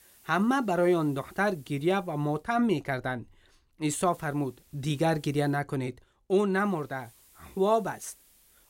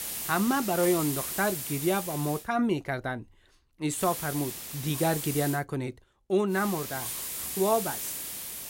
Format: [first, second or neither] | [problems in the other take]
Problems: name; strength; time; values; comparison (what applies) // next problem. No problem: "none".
first | hiss; loud; until 2.5 s, from 4 to 5.5 s and from 6.5 s on; 4 dB below the speech; faint in the first